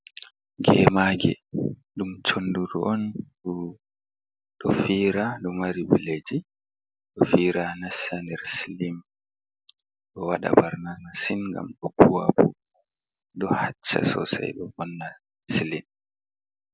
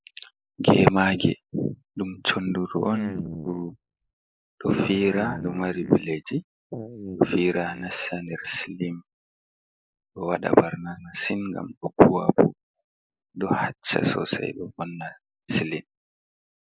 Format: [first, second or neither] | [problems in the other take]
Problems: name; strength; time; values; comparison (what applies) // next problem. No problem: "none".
first | noise reduction (neural mask model Resemble Enhance denoiser)